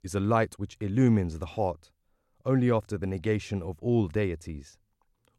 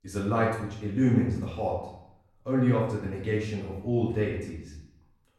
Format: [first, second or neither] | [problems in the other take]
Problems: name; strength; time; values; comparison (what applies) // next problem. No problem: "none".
first | off-mic speech; far // room echo; noticeable; dies away in 0.7 s